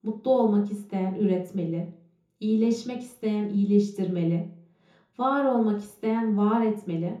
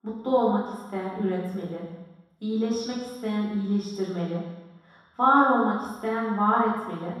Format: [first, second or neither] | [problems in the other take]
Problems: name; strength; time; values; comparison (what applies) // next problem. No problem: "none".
first | room echo; strong; dies away in 1.2 s; slight in the first // off-mic speech; far; far in the first